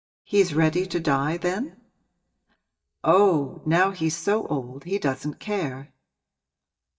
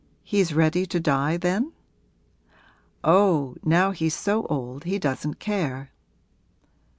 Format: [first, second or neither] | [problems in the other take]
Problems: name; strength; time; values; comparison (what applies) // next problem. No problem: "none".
second | noise reduction (neural mask model DeepFilterNet 3)